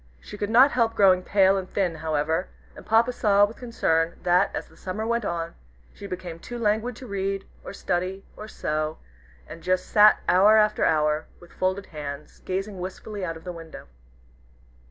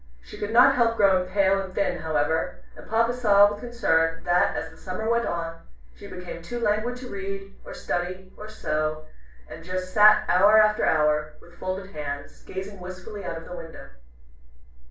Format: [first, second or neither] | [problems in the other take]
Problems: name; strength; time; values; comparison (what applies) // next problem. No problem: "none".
first | room echo; dies away in 0.4 s